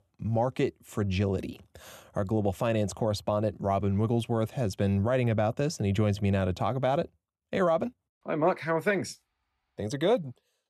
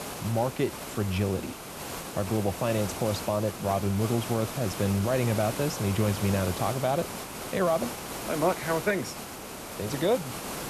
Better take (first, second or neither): first